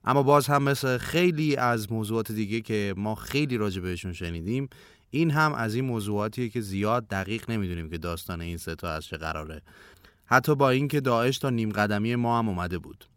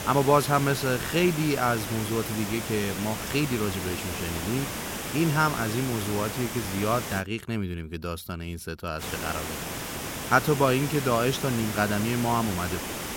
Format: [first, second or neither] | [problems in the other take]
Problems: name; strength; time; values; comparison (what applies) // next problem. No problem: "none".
first | hiss; loud; until 7 s and from 9 s on; 5 dB below the speech